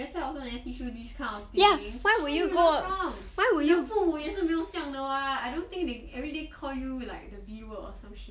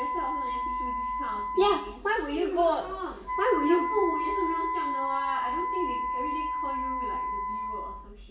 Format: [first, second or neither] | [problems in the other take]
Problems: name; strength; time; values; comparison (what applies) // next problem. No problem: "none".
first | background sound (Wind instrument, woodwind instrument); 1 dB below the speech // room echo; dies away in 0.8 s